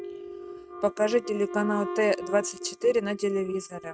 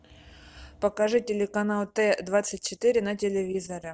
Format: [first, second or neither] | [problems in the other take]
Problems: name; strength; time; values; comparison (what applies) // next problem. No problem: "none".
second | noise reduction (neural mask model RNNoise)